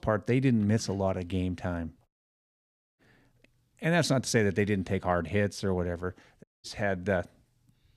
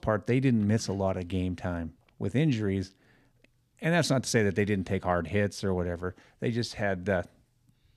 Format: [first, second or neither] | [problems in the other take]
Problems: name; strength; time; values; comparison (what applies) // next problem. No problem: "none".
second | audio cutting out; at 2 s for 1 s and at 6.5 s